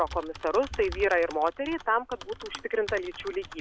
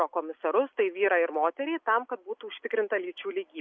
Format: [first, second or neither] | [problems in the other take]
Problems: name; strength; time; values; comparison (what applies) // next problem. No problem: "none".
second | background sound (Typing); 14 dB below the speech